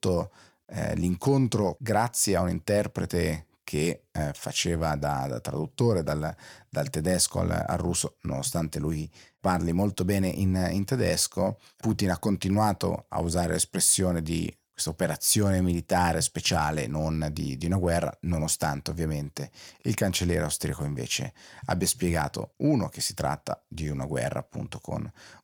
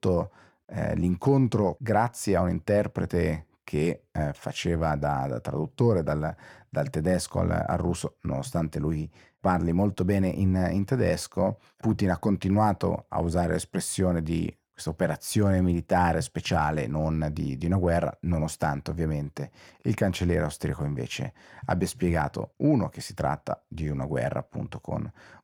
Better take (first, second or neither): first